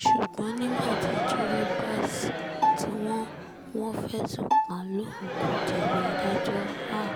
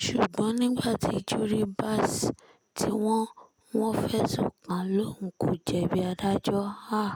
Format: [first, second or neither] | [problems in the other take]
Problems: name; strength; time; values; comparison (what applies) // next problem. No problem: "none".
second | background sound (Crowd + Bowed string instrument); 3 dB above the speech